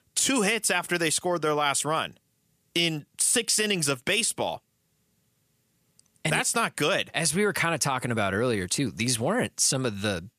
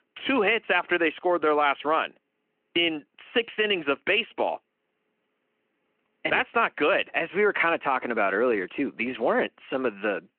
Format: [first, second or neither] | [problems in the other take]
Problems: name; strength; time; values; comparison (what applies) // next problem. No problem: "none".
first | phone-call audio